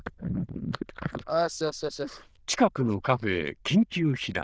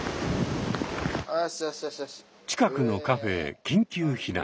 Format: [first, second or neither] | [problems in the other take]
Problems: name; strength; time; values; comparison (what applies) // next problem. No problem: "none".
second | noise reduction (neural diffusion model UNIVERSE++)